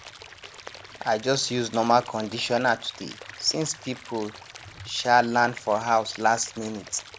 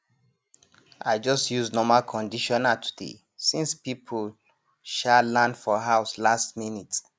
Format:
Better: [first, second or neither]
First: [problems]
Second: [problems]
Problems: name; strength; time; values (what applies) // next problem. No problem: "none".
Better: second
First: background sound (Stream / Liquid); 18 dB below the speech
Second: none